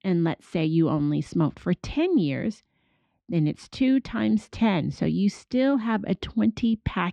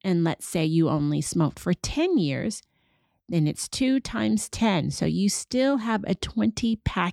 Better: second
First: muffled; slightly; fading above 3 kHz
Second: none

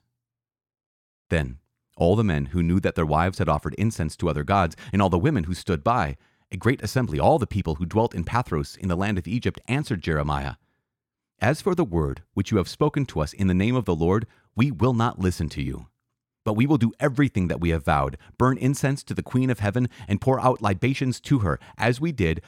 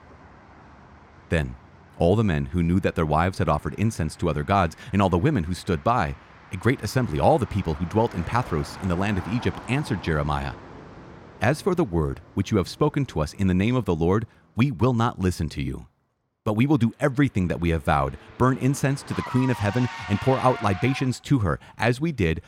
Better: first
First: none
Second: traffic noise; noticeable; throughout; 15 dB below the speech

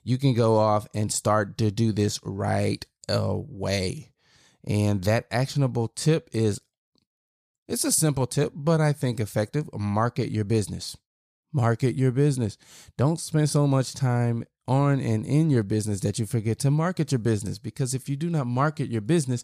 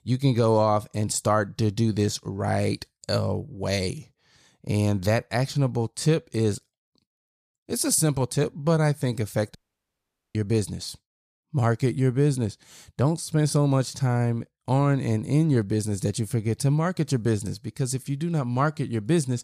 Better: first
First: none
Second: audio cutting out; at 9.5 s for 1 s

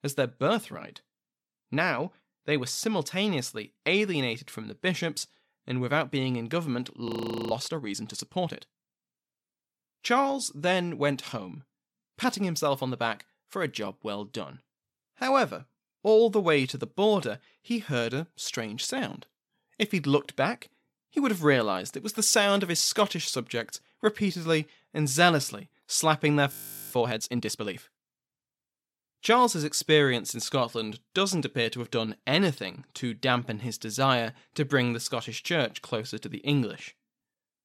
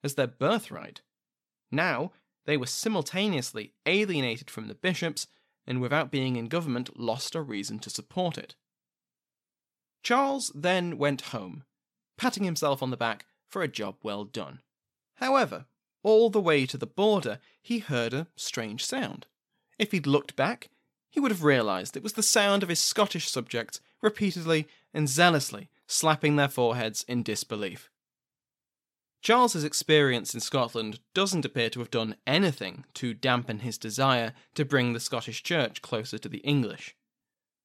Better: second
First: audio freezing; at 7 s and at 27 s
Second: none

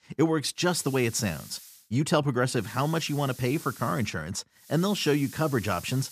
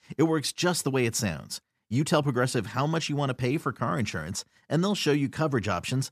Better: second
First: hiss; noticeable; from 0.5 to 2 s, from 2.5 to 4 s and from 4.5 s on; 15 dB below the speech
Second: none

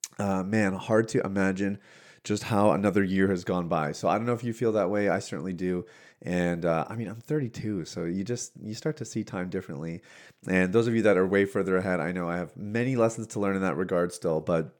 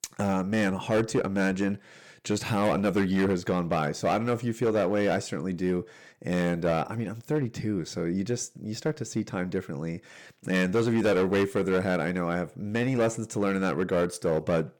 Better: first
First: none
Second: distortion; slight; 8% of the sound clipped

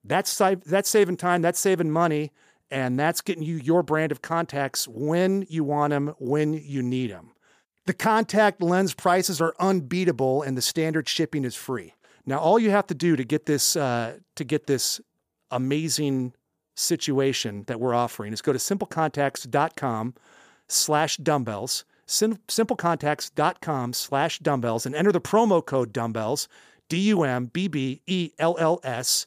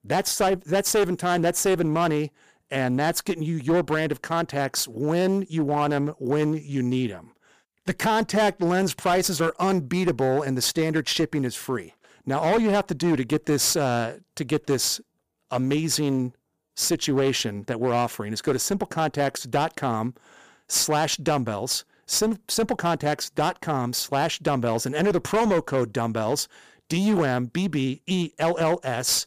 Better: first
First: none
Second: distortion; slight; 10% of the sound clipped

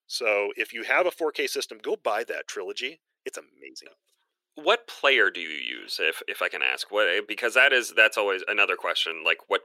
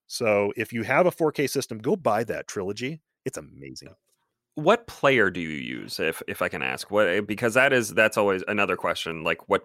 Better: second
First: thin; very; fading below 350 Hz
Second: none

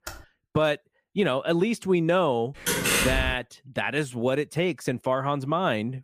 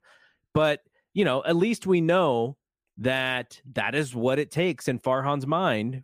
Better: second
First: keyboard typing; faint; at the start; peak 15 dB below the speech // door banging; loud; at 2.5 s; peak 4 dB above the speech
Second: none

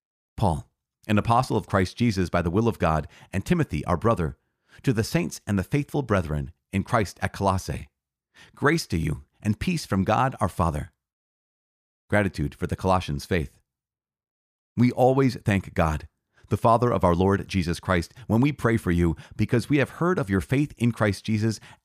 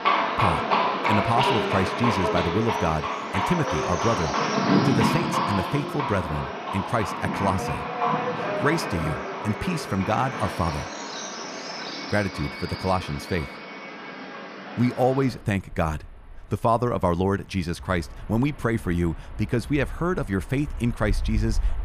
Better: first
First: none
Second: animal sounds; loud; throughout; 1 dB below the speech

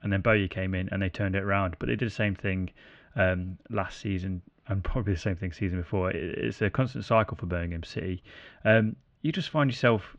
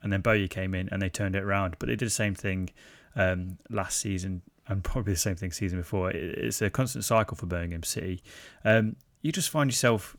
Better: second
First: muffled; very; fading above 3.5 kHz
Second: none

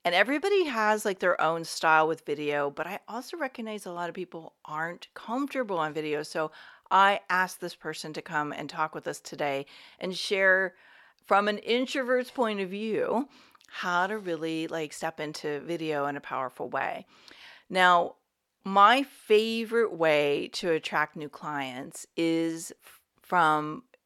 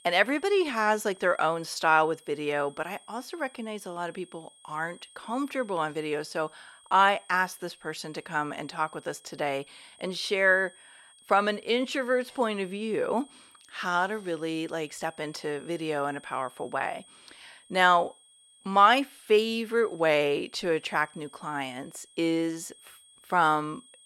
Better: first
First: none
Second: high-pitched whine; faint; throughout; 3.5 kHz, 25 dB below the speech

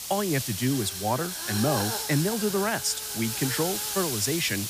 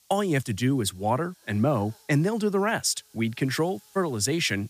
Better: second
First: hiss; loud; throughout; 2 dB below the speech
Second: hiss; faint; throughout; 30 dB below the speech

